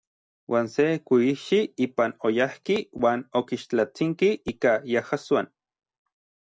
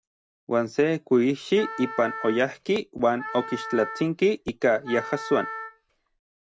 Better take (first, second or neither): first